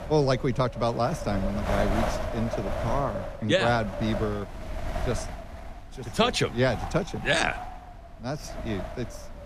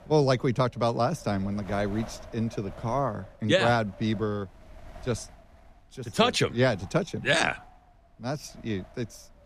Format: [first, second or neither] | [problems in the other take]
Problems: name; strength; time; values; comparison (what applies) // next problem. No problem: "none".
second | wind noise on the microphone; heavy; 7 dB below the speech; occasional gusts in the second